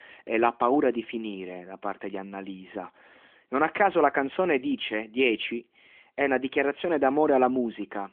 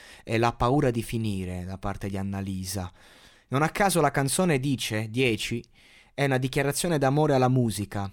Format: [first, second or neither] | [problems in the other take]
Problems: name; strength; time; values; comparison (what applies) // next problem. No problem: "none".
second | phone-call audio; nothing above 3.5 kHz